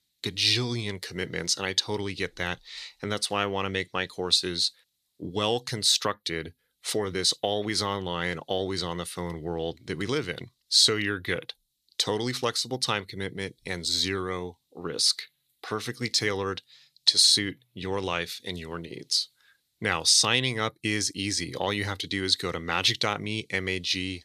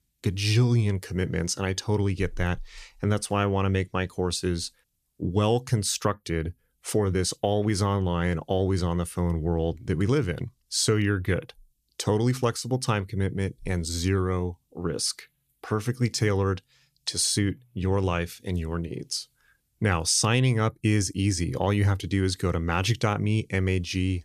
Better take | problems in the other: second | thin; somewhat; fading below 400 Hz

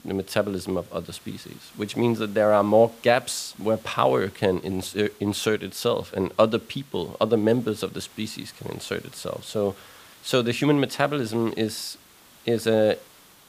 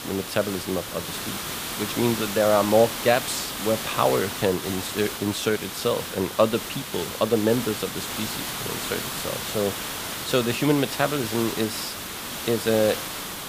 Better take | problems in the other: first | hiss; loud; throughout; 5 dB below the speech; faint in the first

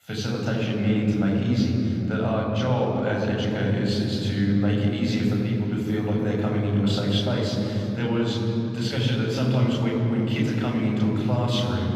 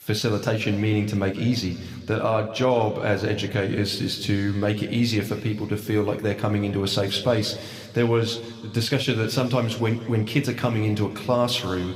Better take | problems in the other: second | room echo; strong; dies away in 3 s; slight in the second // off-mic speech; far

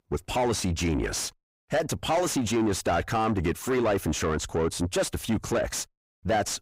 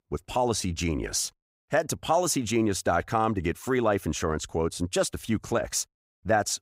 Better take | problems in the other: second | distortion; heavy; 7 dB below the speech

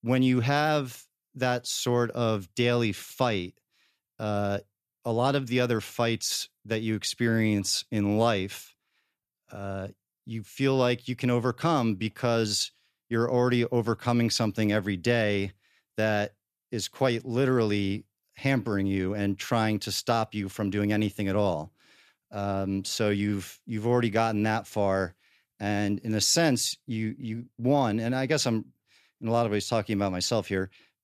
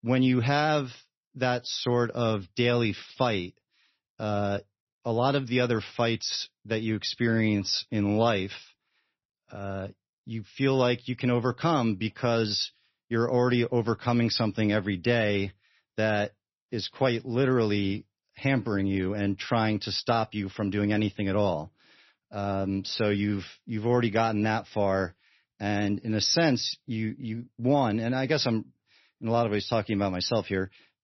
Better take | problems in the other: first | garbled, watery; slightly; nothing above 6 kHz

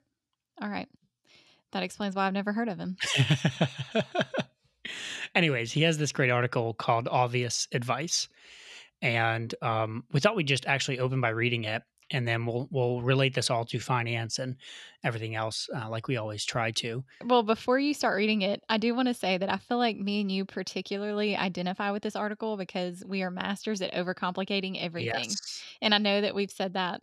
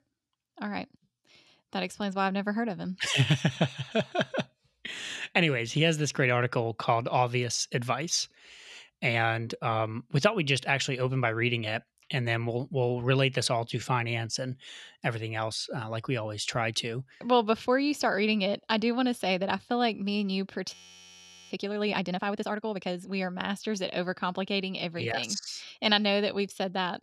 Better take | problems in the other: first | audio freezing; at 21 s for 1 s

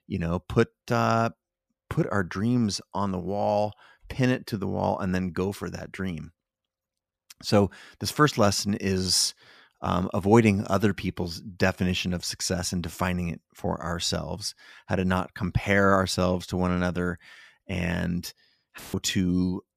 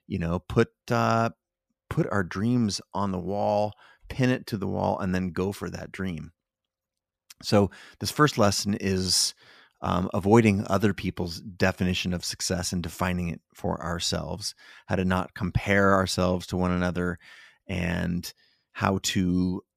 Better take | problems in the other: second | audio cutting out; filled with static; at 19 s

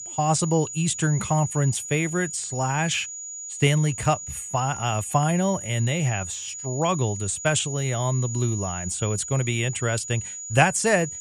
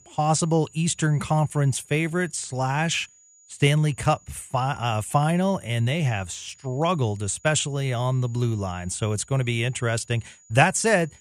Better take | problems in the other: second | high-pitched whine; loud; throughout; 7 kHz, 8 dB below the speech; faint in the second

